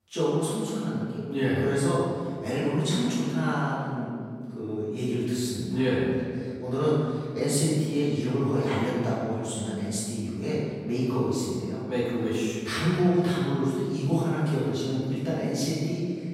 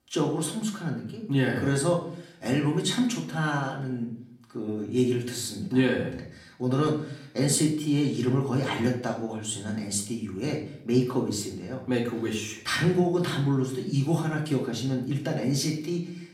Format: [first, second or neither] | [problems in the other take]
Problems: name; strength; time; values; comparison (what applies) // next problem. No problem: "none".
second | room echo; strong; dies away in 2 s; slight in the second // off-mic speech; far; far in the second